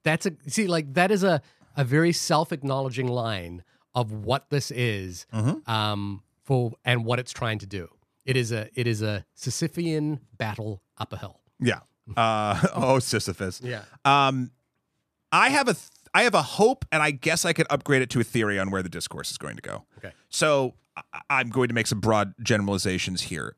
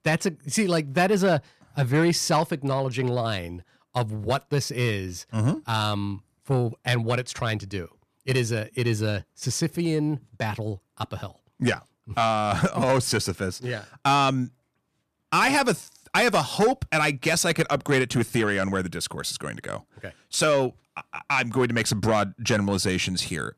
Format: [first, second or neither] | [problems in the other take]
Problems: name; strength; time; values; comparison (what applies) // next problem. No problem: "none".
first | distortion; slight; 10 dB below the speech